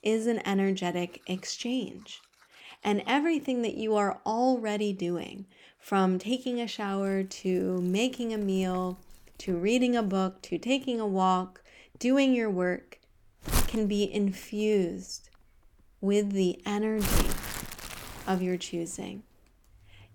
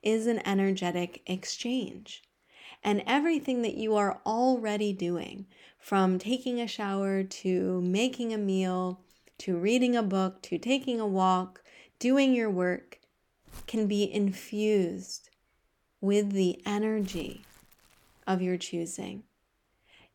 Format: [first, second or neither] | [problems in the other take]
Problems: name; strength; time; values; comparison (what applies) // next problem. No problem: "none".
second | household noises; loud; throughout; 5 dB below the speech; faint in the second